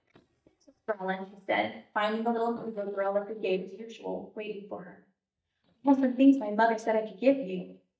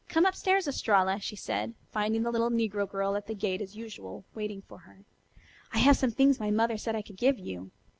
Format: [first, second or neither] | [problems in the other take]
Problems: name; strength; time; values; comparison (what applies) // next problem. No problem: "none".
second | noise reduction (neural mask model DeepFilterNet 3)